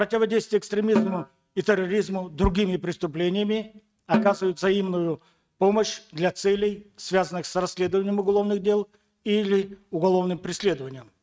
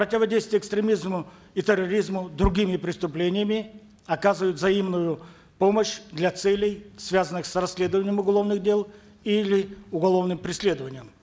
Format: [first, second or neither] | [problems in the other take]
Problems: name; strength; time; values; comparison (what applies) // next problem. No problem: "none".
second | noise reduction (neural mask model RNNoise)